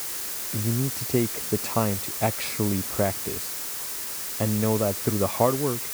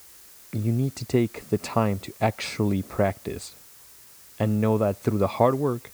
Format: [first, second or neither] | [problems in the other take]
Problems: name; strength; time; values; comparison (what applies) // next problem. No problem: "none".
second | hiss; loud; throughout; 2 dB below the speech; faint in the second